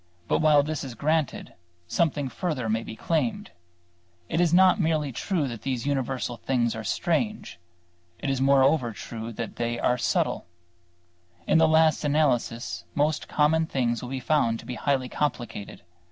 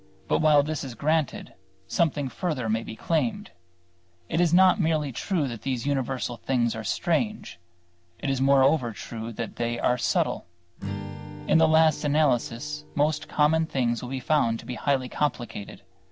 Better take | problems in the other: first | background sound (Strum); 20 dB below the speech

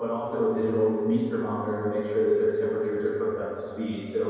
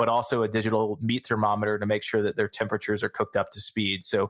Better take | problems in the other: second | room echo; dies away in 2.2 s

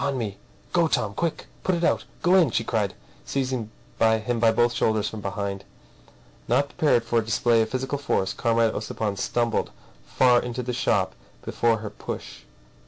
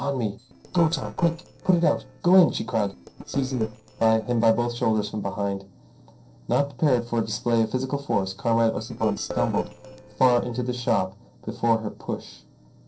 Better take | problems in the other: first | noise reduction (neural separator model SepFormer DNS4)

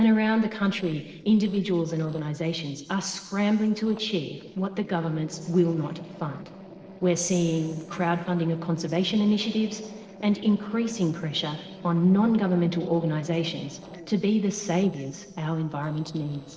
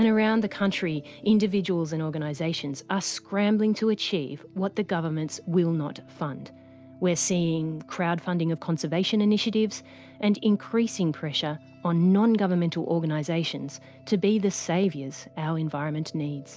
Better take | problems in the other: second | noise reduction (neural separator model SepFormer DNS4)

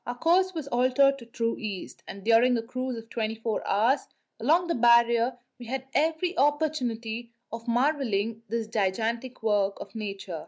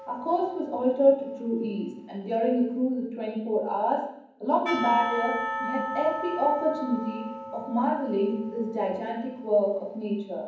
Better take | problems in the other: first | background sound (Church bell / Percussion); 10 dB below the speech // room echo; dies away in 1.2 s

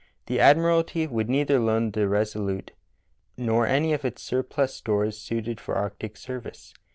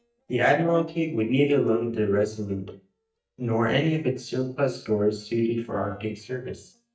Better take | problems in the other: first | noise reduction (neural mask model DeepFilterNet 3)

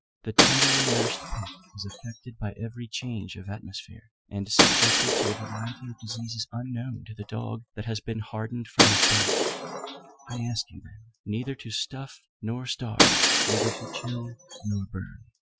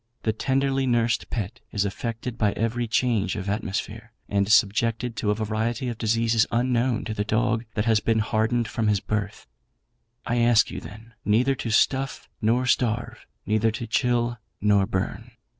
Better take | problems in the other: second | noise reduction (classical method Wiener filter)

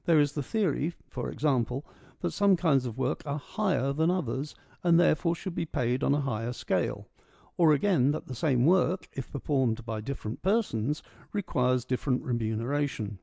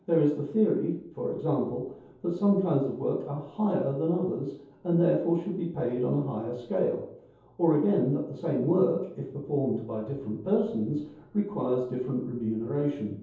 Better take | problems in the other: first | room echo; dies away in 0.7 s

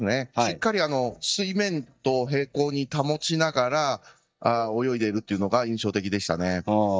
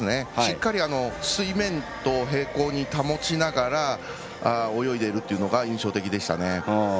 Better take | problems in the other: second | noise reduction (neural mask model DeepFilterNet 3)

